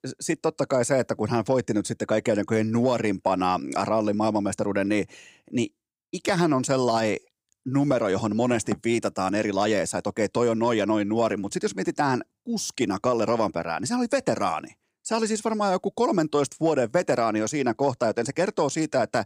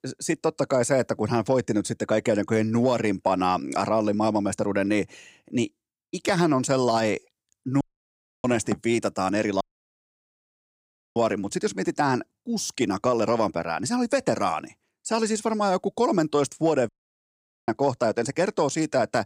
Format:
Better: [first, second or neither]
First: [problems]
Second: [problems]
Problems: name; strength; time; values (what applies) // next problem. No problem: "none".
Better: first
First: none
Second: audio cutting out; at 8 s for 0.5 s, at 9.5 s for 1.5 s and at 17 s for 1 s